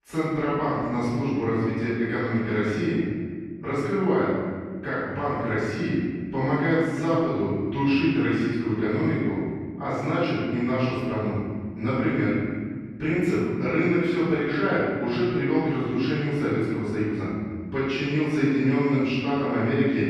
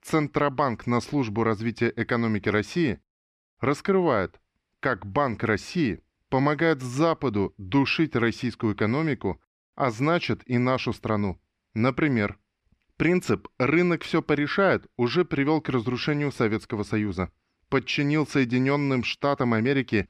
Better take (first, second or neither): second